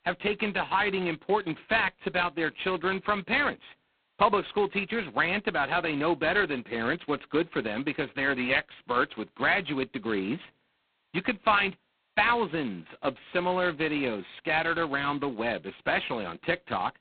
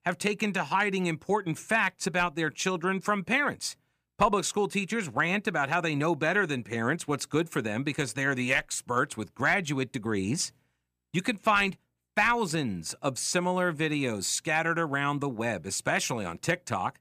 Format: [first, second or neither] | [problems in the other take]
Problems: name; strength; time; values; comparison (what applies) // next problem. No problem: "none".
second | phone-call audio; poor line; nothing above 4 kHz